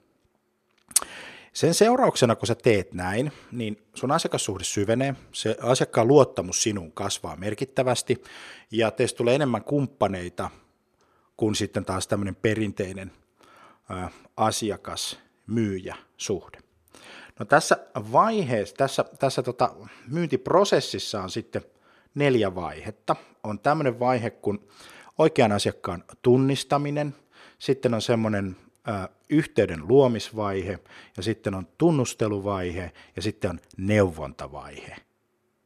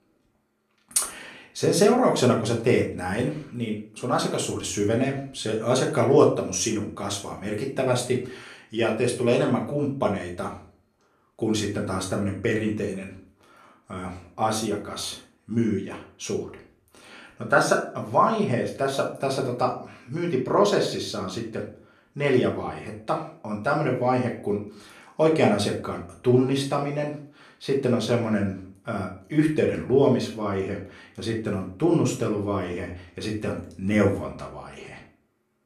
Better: first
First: none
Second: room echo; slight; dies away in 0.4 s // off-mic speech; far

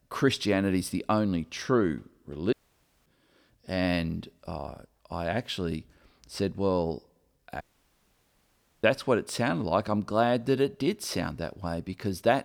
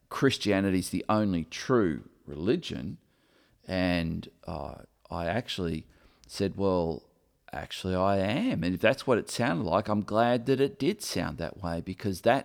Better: second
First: audio cutting out; at 2.5 s for 0.5 s and at 7.5 s for 1 s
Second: none

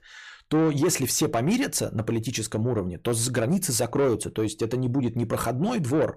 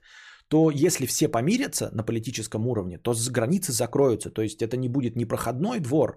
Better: second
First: distortion; slight; 10 dB below the speech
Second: none

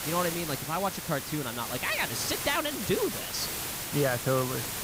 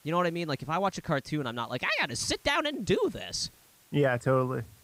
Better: second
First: hiss; loud; throughout; 3 dB below the speech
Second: hiss; faint; throughout; 30 dB below the speech

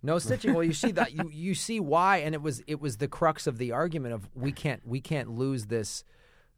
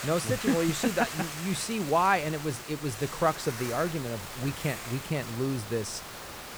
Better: first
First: none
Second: hiss; loud; throughout; 8 dB below the speech

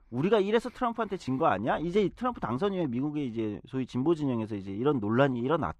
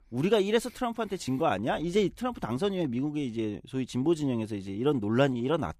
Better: second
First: muffled; slightly; fading above 2.5 kHz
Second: none

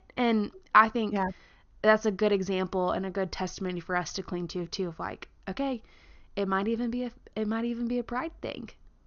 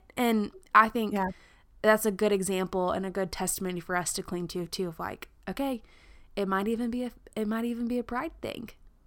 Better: second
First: garbled, watery; slightly; nothing above 6.5 kHz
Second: none

